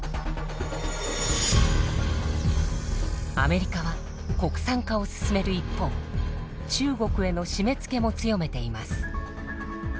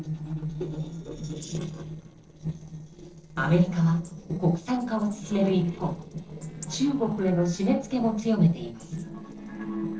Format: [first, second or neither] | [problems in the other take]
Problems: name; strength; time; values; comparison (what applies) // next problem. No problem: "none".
first | noise reduction (neural separator model SepFormer DNS4)